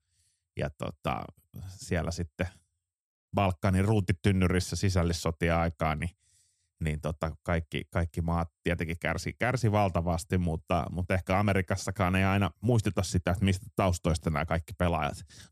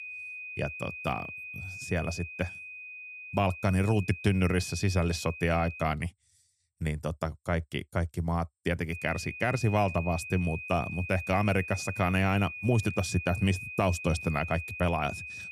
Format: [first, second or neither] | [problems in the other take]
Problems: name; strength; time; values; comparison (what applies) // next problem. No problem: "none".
first | high-pitched whine; loud; until 6 s and from 9 s on; 2.5 kHz, 9 dB below the speech